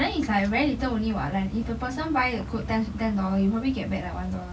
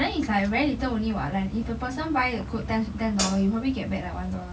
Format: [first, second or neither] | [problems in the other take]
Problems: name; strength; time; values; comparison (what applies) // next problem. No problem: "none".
first | background sound (Hi-hat); 5 dB below the speech